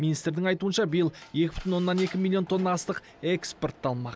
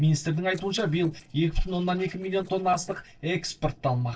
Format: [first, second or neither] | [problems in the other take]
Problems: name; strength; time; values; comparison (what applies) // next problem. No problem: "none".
first | noise reduction (neural separator model SepFormer DNS4)